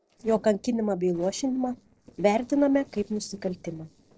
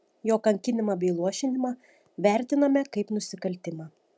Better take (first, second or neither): second